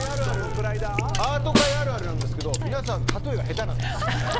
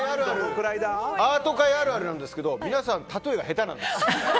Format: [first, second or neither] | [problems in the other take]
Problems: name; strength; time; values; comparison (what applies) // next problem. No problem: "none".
second | background sound (Snare drum + Chewing, mastication); 4 dB above the speech